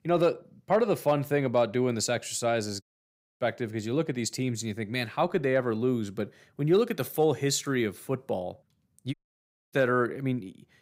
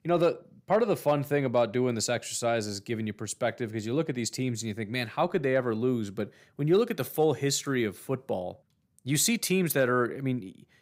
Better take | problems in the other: second | audio cutting out; at 3 s for 0.5 s and at 9 s for 0.5 s

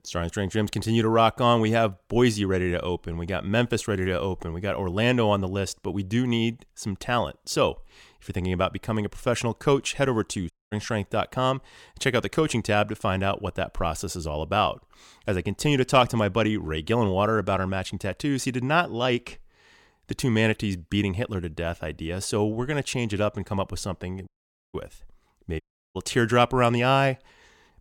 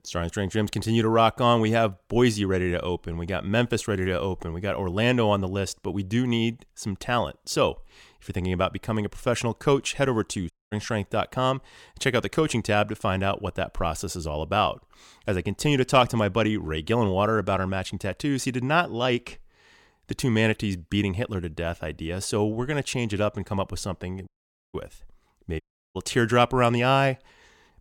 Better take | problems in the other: neither | audio cutting out; at 11 s, at 24 s and at 26 s; the same in both

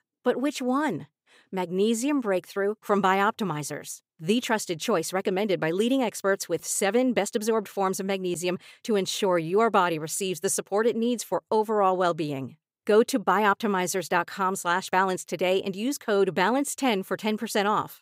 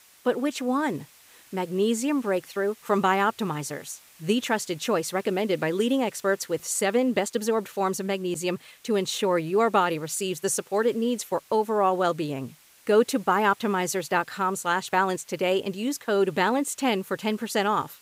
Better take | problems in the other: first | hiss; faint; throughout; 25 dB below the speech

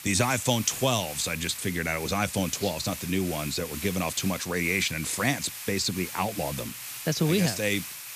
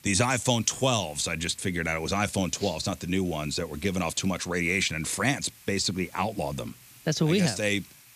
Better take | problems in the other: second | hiss; loud; throughout; 9 dB below the speech; faint in the second

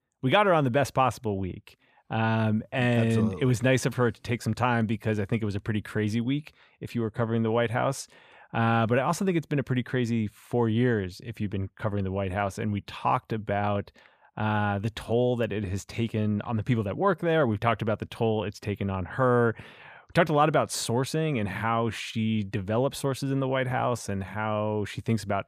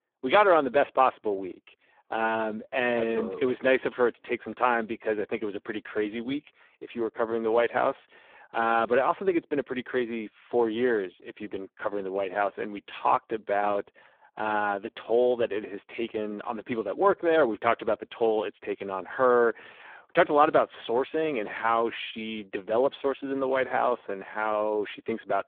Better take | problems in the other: first | phone-call audio; poor line

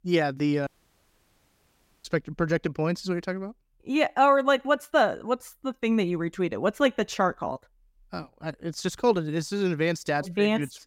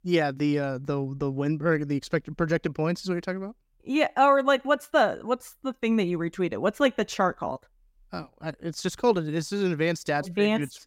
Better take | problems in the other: second | audio cutting out; at 0.5 s for 1.5 s

